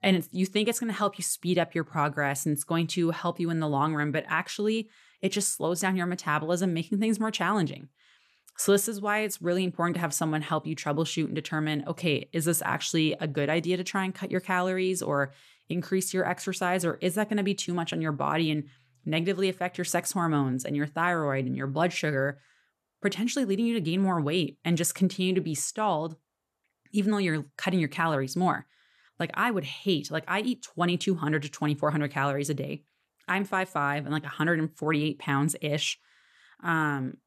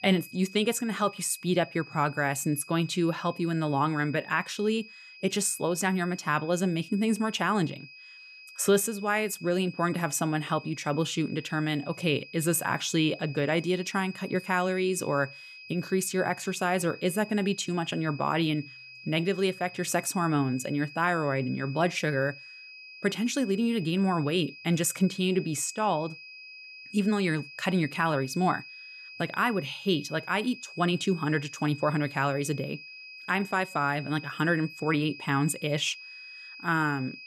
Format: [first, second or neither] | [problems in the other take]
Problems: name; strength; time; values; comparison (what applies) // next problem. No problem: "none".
first | high-pitched whine; noticeable; throughout; 2.5 kHz, 15 dB below the speech